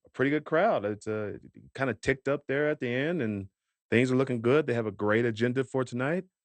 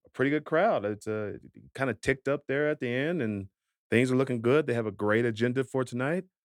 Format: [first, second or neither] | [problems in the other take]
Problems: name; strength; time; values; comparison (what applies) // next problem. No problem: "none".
second | garbled, watery; slightly; nothing above 8.5 kHz